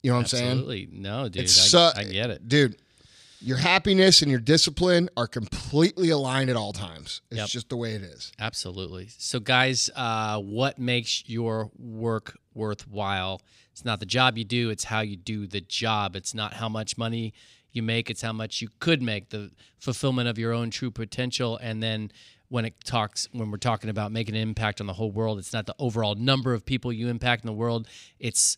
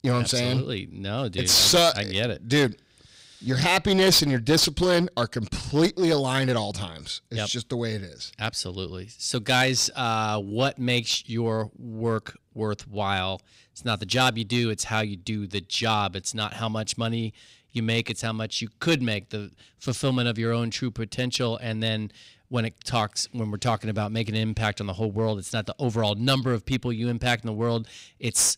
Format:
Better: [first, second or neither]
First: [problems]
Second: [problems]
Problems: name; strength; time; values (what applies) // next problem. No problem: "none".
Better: first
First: none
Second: distortion; slight; 4% of the sound clipped